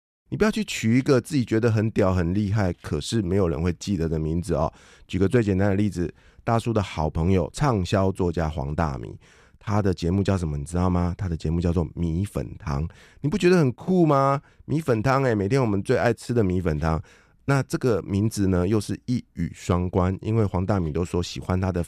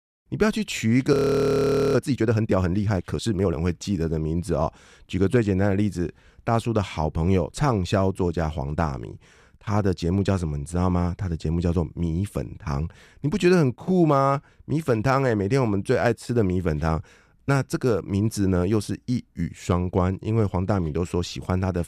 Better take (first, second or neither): first